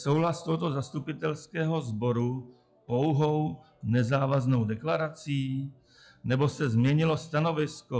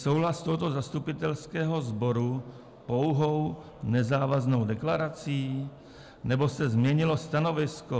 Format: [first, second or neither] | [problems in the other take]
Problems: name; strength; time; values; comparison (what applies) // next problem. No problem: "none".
second | noise reduction (classical method log-MMSE)